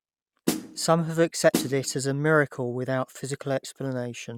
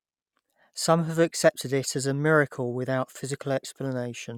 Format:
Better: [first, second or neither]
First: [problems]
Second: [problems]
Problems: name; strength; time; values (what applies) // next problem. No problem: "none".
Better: second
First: background sound (Snare drum); 4 dB below the speech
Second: none